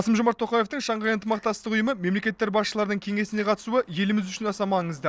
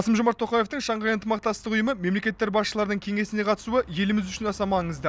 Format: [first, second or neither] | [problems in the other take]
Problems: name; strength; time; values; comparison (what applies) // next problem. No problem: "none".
second | noise reduction (neural separator model SepFormer DNS4)